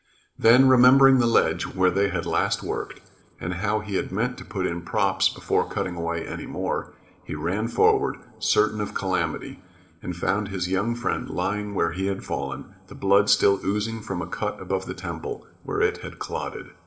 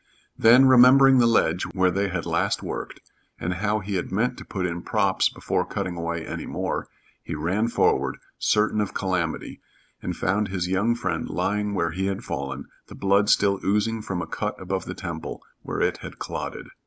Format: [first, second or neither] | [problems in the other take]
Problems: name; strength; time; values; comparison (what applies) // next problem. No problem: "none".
second | room echo; dies away in 2.2 s